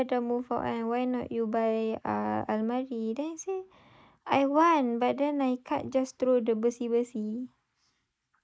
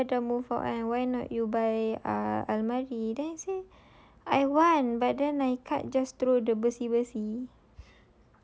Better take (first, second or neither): second